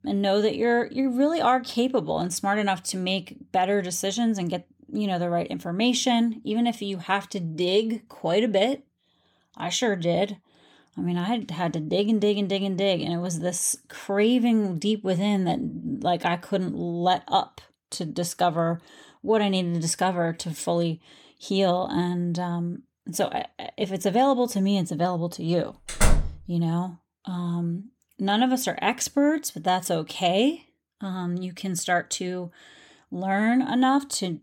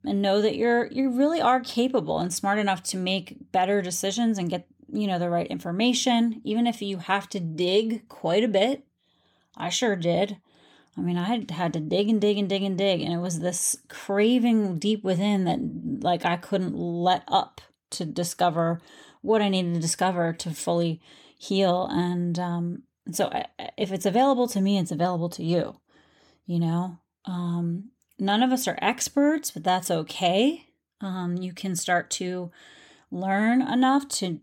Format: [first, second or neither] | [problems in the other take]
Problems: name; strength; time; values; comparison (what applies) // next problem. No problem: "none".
second | door banging; loud; at 26 s; peak 1 dB above the speech